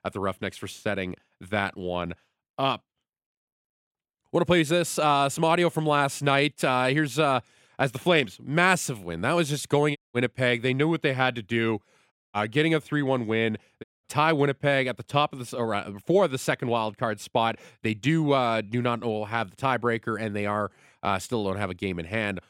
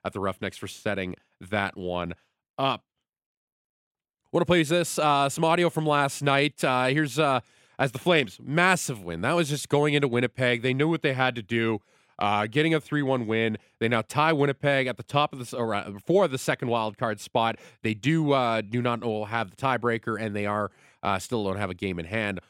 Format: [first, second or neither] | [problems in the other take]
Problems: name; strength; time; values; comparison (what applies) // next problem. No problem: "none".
second | audio cutting out; at 10 s, at 12 s and at 14 s